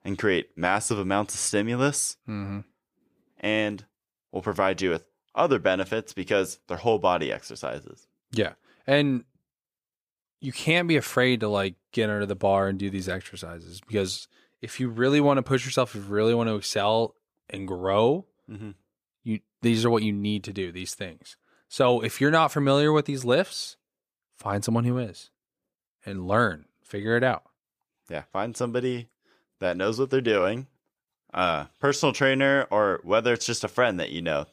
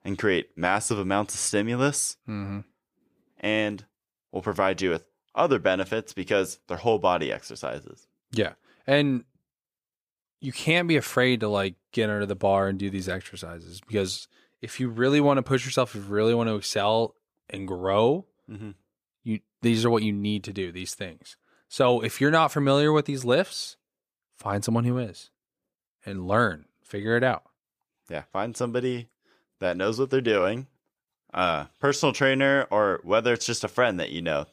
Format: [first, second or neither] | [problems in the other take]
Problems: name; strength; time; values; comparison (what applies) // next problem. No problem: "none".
neither | none